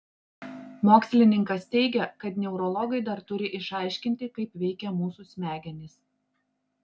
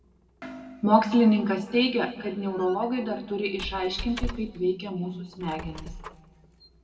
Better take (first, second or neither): first